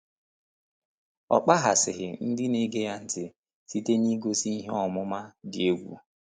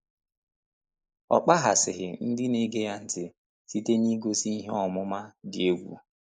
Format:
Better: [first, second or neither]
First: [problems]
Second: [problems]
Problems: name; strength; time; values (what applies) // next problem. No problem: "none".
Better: first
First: none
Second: noise reduction (neural mask model Resemble Enhance denoiser)